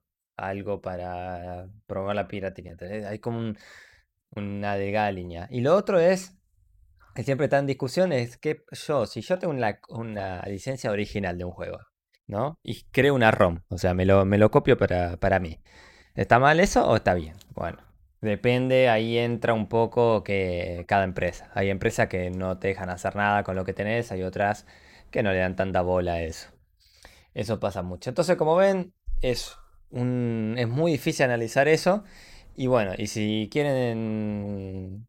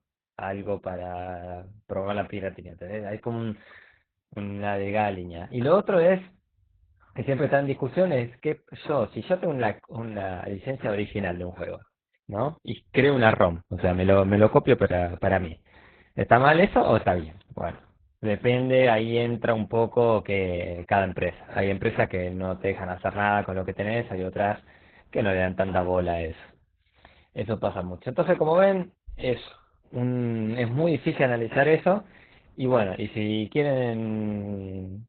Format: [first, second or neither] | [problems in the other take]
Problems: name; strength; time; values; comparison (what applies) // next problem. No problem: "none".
first | garbled, watery; badly; nothing above 4 kHz